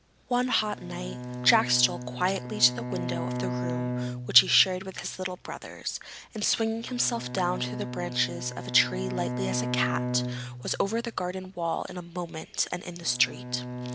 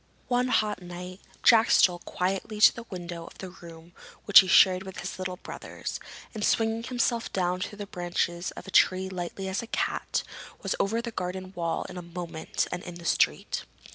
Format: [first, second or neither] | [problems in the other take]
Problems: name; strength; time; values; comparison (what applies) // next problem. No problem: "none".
second | background sound (Bowed string instrument); 6 dB below the speech